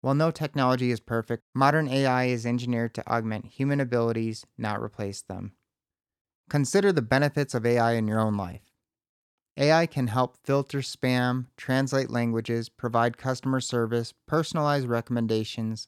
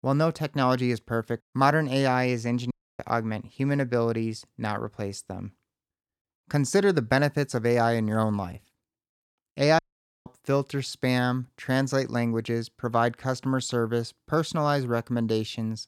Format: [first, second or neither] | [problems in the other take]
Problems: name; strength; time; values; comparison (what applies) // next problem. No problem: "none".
first | audio cutting out; at 2.5 s and at 10 s